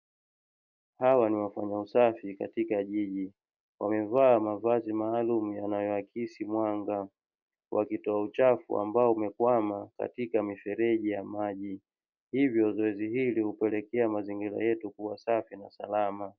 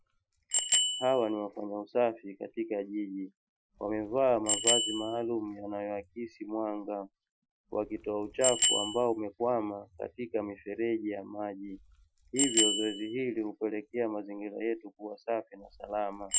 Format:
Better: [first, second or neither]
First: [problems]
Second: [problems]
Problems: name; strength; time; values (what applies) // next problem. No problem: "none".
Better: first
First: none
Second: noise reduction (classical method Wiener filter)